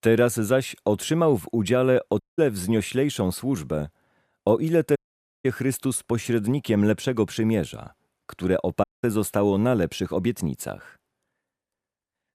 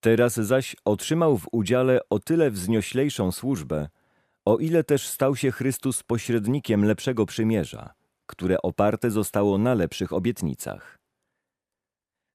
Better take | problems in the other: second | audio cutting out; at 2 s, at 5 s and at 9 s

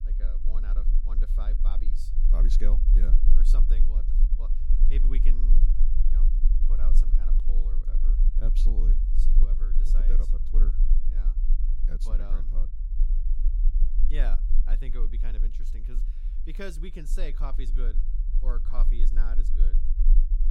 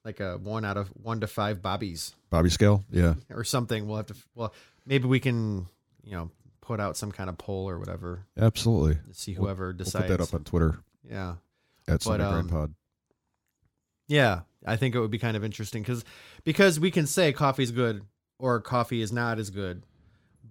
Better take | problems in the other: second | low rumble; loud; throughout; 7 dB below the speech

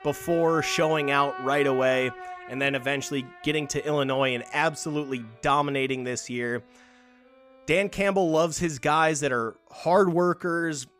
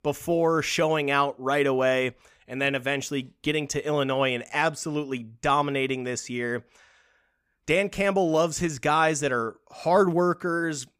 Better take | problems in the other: second | background music; noticeable; throughout; 15 dB below the speech

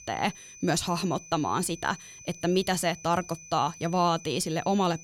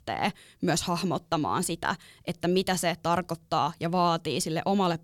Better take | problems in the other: second | high-pitched whine; noticeable; throughout; 6 kHz, 15 dB below the speech

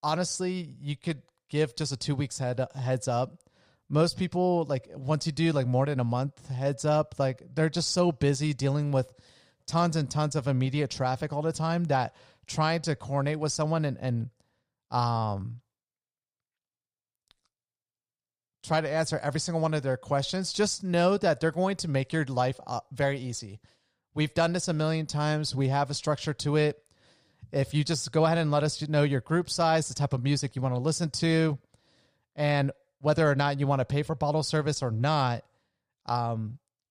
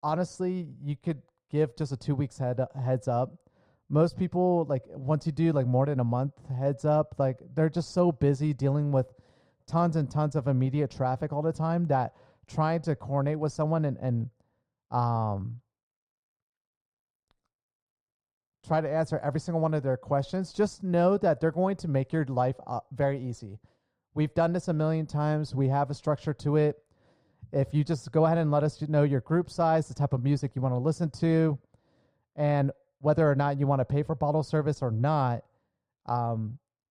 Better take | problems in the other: first | muffled; slightly; fading above 1.5 kHz

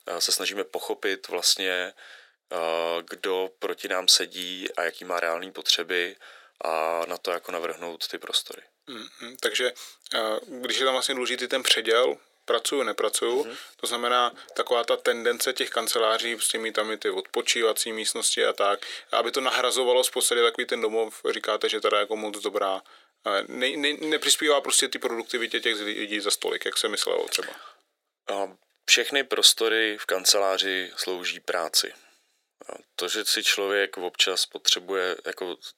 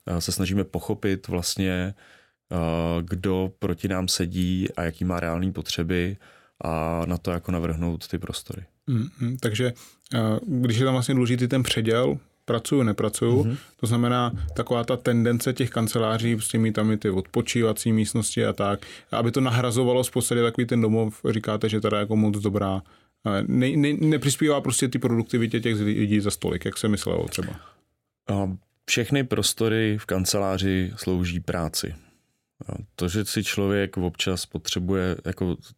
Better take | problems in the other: second | thin; very; fading below 400 Hz

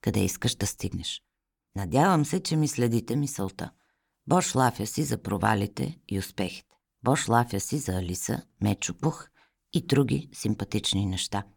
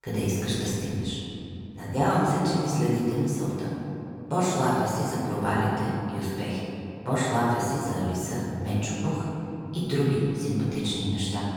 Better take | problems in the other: first | off-mic speech; far // room echo; strong; dies away in 2.8 s

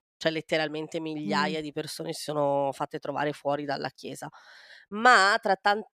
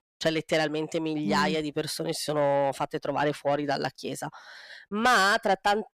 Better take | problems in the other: first | distortion; heavy; 7 dB below the speech

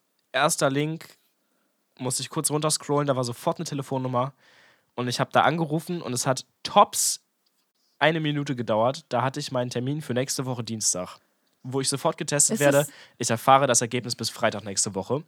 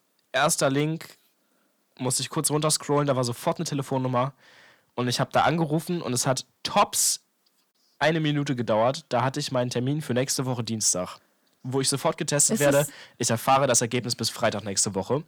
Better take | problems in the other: first | distortion; slight; 10 dB below the speech

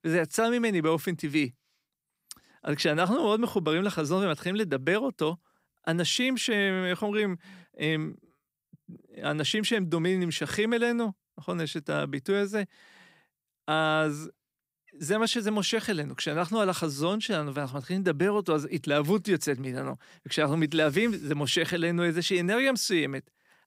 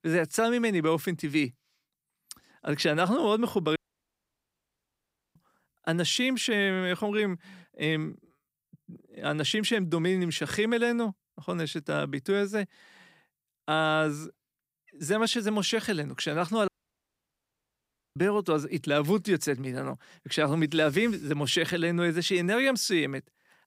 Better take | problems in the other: first | audio cutting out; at 4 s for 1.5 s and at 17 s for 1.5 s

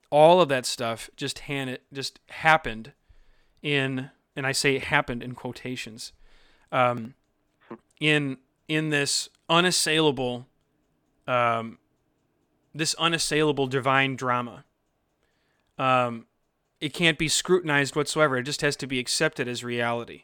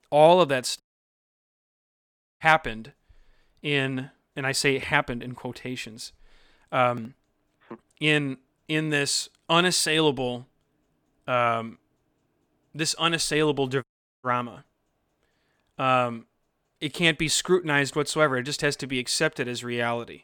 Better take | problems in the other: first | audio cutting out; at 1 s for 1.5 s and at 14 s

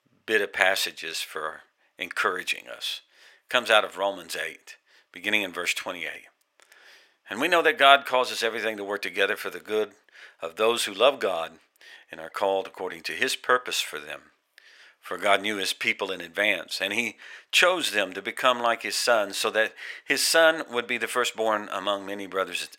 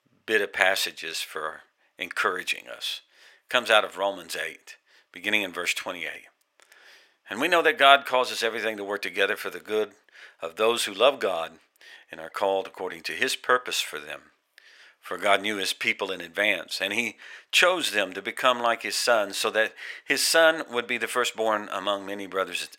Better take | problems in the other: neither | thin; very; fading below 700 Hz; the same in both

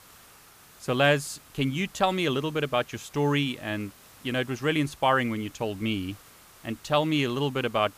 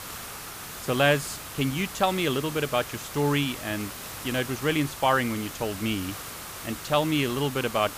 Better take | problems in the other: first | hiss; loud; throughout; 10 dB below the speech; faint in the first

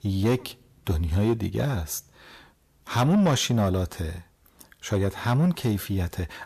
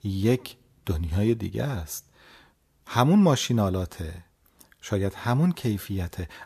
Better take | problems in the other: second | distortion; slight; 10 dB below the speech

